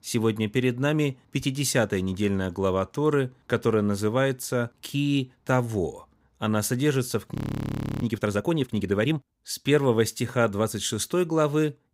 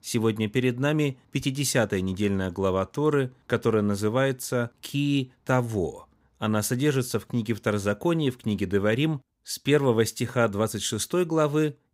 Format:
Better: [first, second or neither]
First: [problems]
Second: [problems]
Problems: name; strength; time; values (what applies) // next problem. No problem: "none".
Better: second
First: audio freezing; at 7.5 s for 0.5 s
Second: none